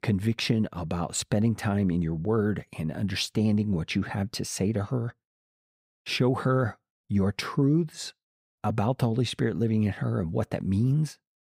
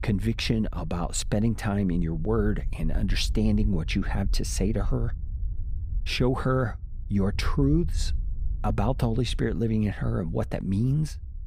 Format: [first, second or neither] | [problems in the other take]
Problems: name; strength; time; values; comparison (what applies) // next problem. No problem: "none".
first | low rumble; faint; throughout; 25 dB below the speech